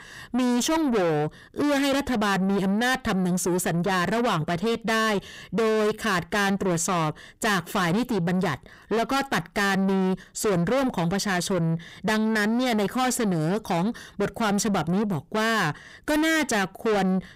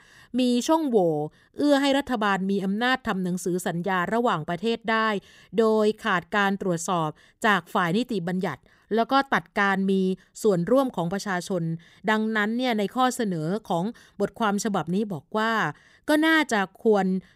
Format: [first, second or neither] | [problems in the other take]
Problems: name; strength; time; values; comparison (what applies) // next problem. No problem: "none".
second | distortion; heavy; 6 dB below the speech